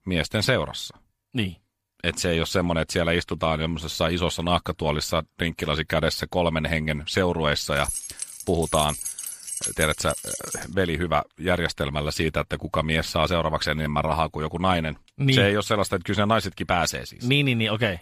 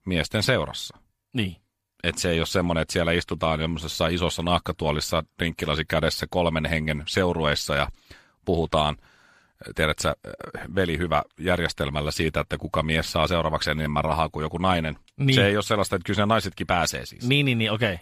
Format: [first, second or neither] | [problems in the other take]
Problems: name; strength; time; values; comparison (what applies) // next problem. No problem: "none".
second | jangling keys; noticeable; from 8 to 11 s; peak 3 dB below the speech